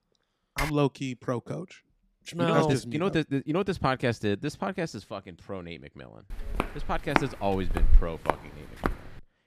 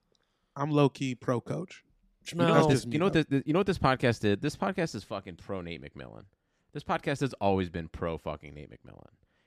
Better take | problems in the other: second | keyboard typing; noticeable; at 0.5 s; peak 4 dB below the speech // footsteps; loud; from 6.5 to 9 s; peak 3 dB above the speech

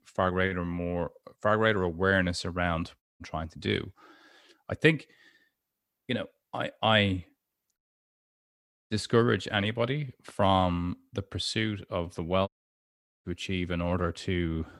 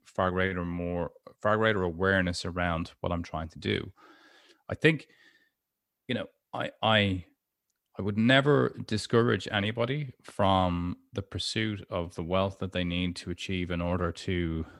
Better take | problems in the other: second | audio cutting out; at 3 s, at 8 s for 1 s and at 12 s for 1 s

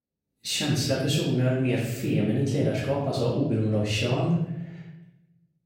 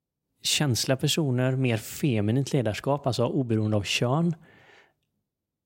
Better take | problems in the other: second | off-mic speech; far // room echo; noticeable; dies away in 0.9 s

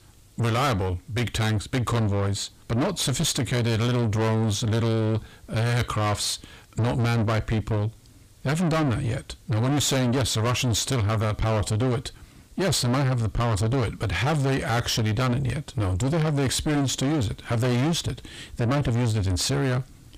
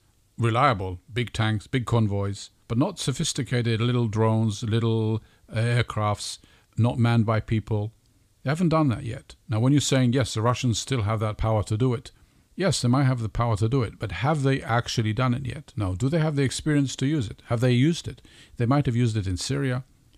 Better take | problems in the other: second | distortion; heavy; 6 dB below the speech

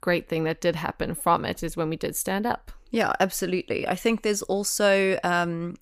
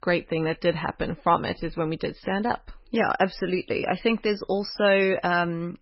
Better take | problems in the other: first | garbled, watery; badly; nothing above 5.5 kHz

